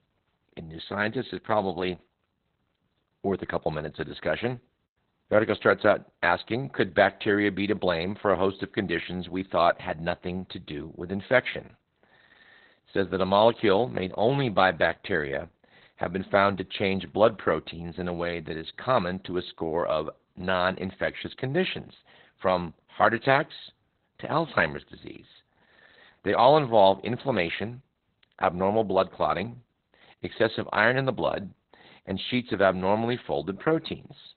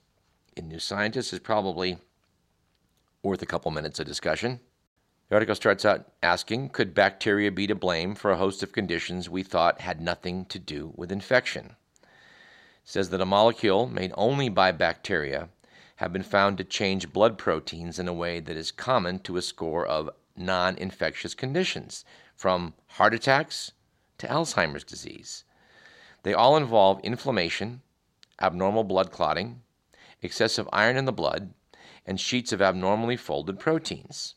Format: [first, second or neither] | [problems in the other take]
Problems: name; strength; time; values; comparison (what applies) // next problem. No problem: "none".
second | garbled, watery; badly; nothing above 4 kHz